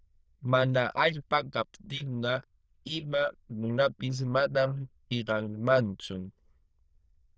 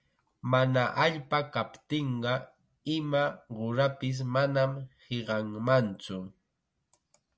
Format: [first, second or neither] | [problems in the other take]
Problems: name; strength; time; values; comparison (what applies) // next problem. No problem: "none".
second | noise reduction (neural diffusion model UNIVERSE++)